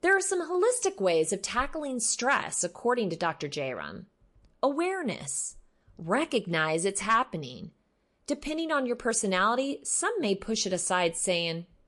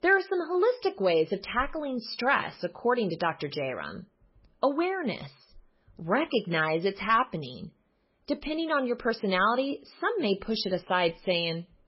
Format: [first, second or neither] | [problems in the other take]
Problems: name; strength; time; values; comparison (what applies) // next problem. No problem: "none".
first | garbled, watery; badly; nothing above 5.5 kHz; slightly in the first